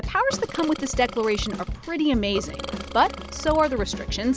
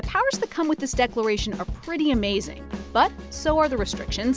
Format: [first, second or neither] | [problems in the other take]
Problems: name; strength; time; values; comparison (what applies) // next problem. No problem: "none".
second | background sound (Burping, eructation); 15 dB below the speech